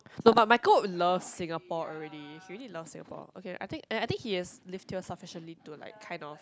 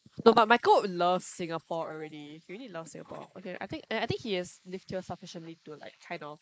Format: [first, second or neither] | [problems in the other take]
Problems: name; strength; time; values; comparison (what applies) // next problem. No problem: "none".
first | noise reduction (neural mask model Resemble Enhance denoiser)